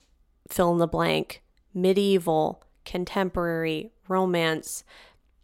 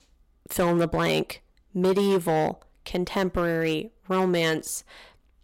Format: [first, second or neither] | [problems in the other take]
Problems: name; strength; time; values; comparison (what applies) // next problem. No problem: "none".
first | distortion; slight; 7% of the sound clipped